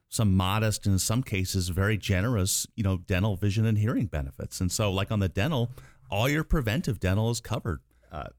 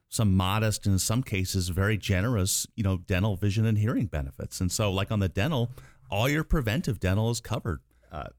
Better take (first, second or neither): neither